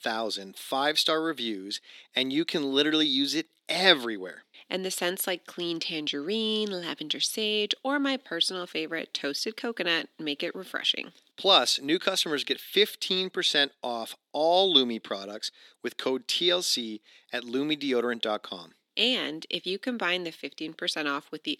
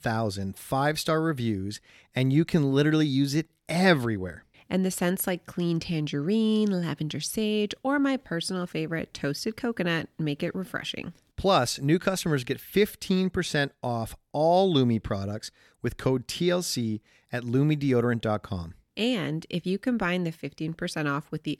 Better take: second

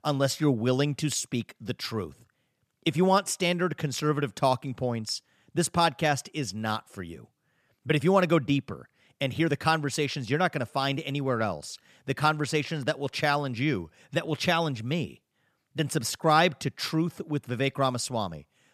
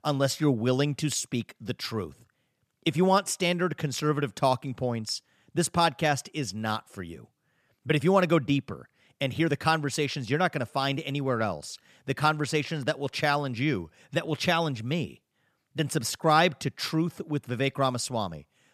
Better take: neither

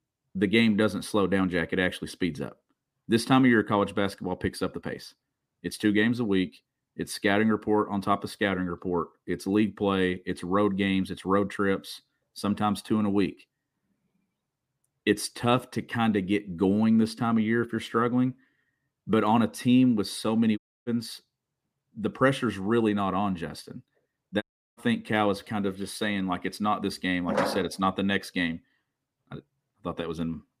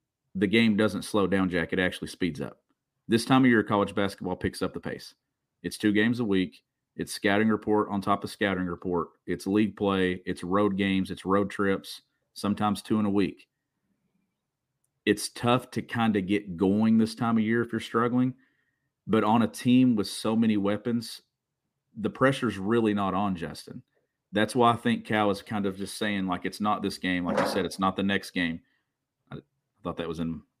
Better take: second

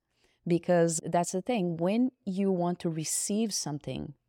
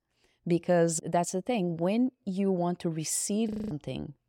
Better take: first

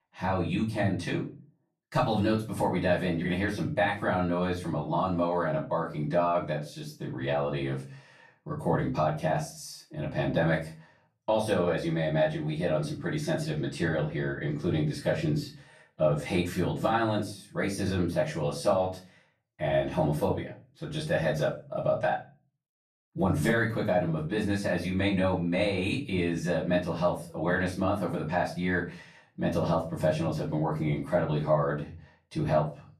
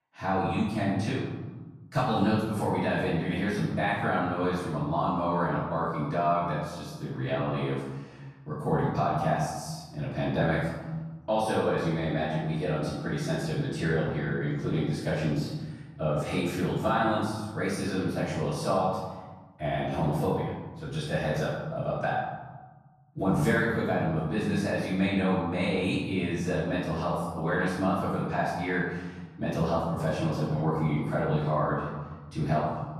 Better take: first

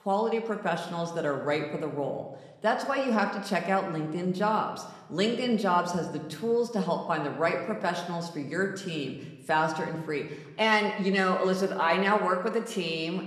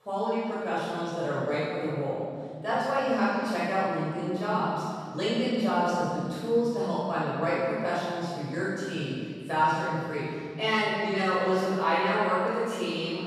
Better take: first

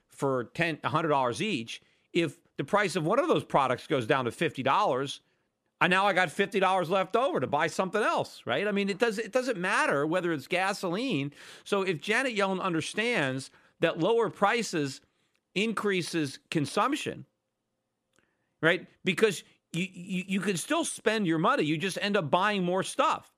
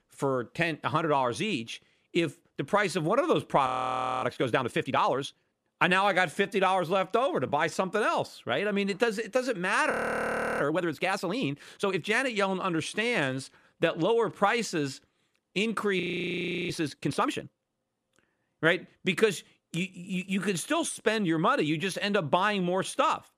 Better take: first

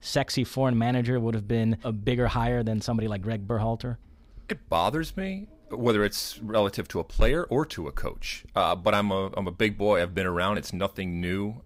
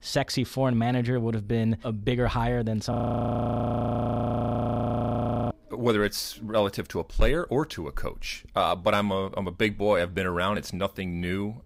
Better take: first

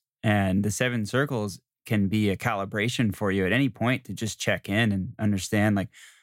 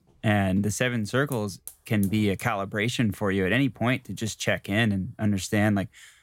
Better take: first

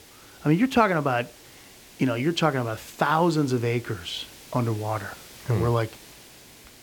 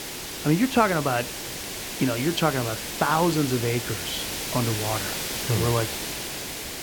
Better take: first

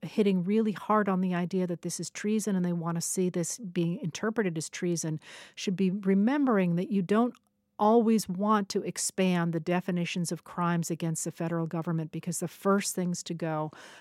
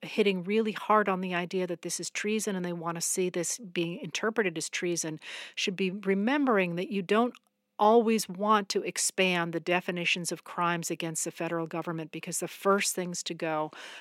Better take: first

